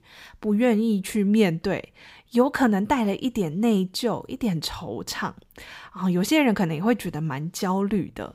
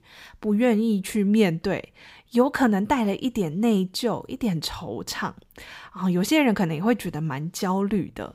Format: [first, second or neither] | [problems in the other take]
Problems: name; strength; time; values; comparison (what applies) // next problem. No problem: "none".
neither | none